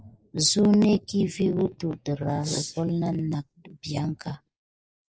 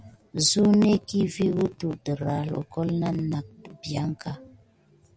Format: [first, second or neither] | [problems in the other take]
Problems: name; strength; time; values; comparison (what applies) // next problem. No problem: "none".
second | noise reduction (neural mask model Resemble Enhance denoiser)